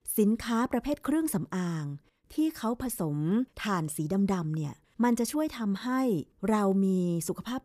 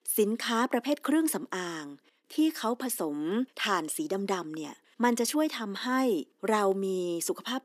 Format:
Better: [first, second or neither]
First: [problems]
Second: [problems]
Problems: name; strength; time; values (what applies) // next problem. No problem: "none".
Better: first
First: none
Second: thin; very slightly; fading below 250 Hz